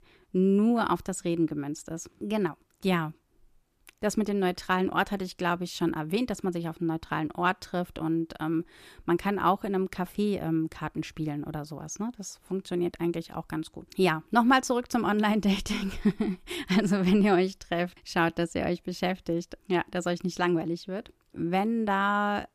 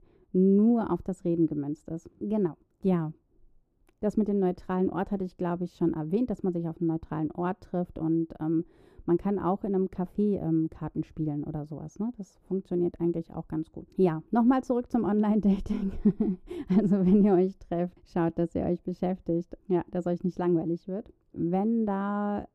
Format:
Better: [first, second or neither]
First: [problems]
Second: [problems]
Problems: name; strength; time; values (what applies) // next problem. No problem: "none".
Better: first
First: none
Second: muffled; slightly; fading above 1 kHz